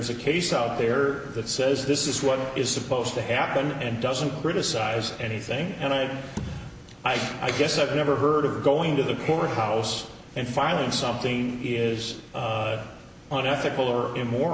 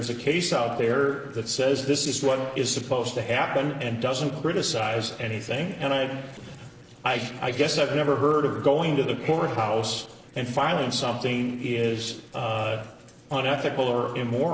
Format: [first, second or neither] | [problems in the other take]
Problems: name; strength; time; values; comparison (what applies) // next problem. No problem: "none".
first | noise reduction (neural separator model SepFormer DNS4)